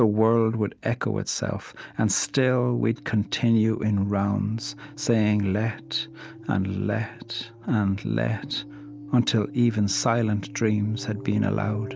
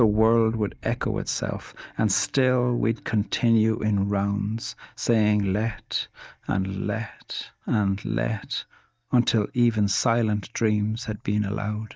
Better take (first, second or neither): first